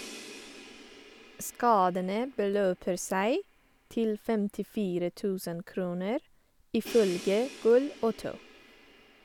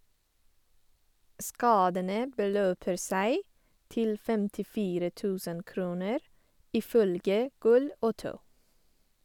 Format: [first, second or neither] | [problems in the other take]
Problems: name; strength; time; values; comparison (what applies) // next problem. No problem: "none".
second | background sound (Crash cymbal); 19 dB below the speech